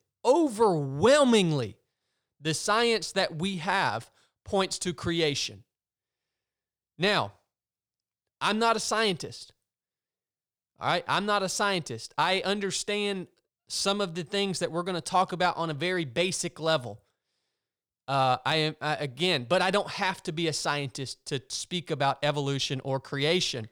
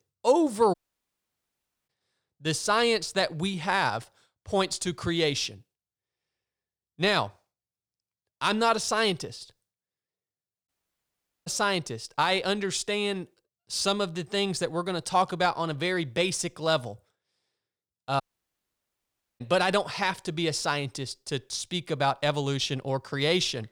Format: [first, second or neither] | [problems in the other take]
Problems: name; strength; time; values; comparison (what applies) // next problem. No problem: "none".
first | audio cutting out; at 0.5 s for 1 s, at 11 s for 1 s and at 18 s for 1 s